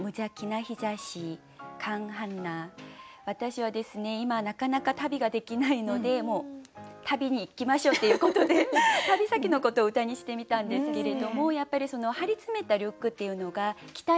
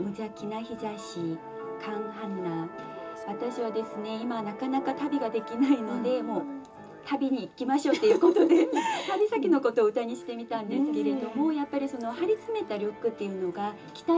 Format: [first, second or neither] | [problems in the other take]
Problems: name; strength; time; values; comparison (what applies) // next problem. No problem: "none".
first | background sound (Musical instrument); 15 dB below the speech // room echo; dies away in 0.2 s